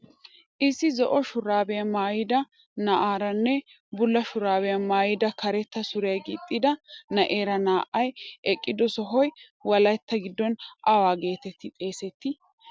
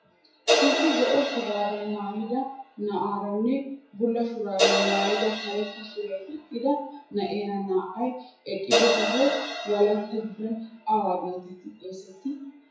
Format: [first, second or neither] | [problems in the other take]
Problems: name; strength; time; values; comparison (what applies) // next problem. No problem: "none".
first | noise reduction (classical method WPE with log-MMSE)